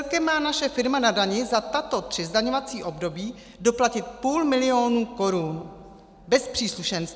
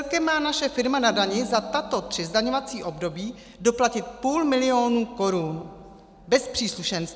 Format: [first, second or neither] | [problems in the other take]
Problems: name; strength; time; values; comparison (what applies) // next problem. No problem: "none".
first | background sound (Ringtone); 16 dB below the speech